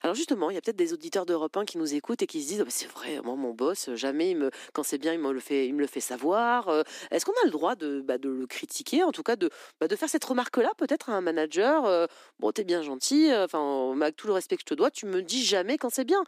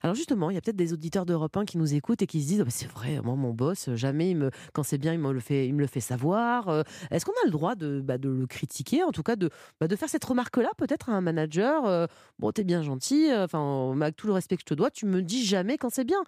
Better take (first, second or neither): second